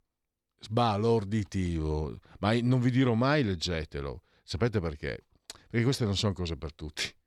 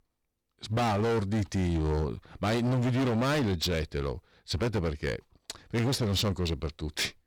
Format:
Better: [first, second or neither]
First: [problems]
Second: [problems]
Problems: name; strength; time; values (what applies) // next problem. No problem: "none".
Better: first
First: none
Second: distortion; heavy; 20% of the sound clipped